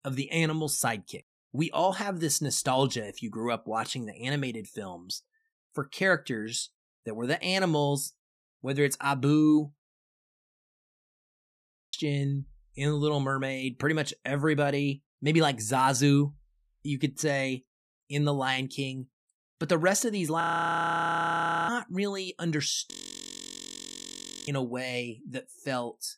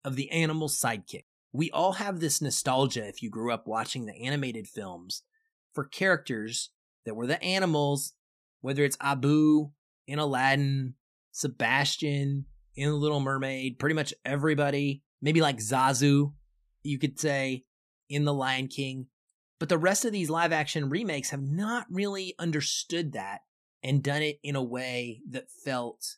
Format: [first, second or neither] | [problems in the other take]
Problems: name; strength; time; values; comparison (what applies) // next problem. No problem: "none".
second | audio freezing; at 10 s for 2 s, at 20 s for 1.5 s and at 23 s for 1.5 s